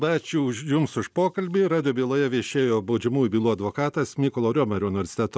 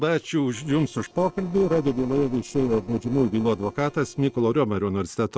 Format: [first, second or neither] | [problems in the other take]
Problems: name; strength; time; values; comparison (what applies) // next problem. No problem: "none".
first | noise reduction (neural separator model SepFormer DNS4)